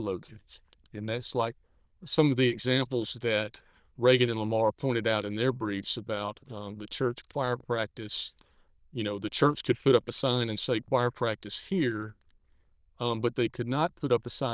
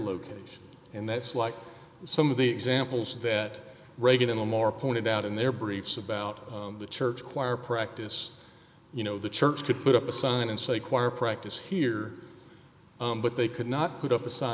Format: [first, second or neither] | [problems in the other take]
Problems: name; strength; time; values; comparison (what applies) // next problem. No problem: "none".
second | noise reduction (neural diffusion model UNIVERSE++)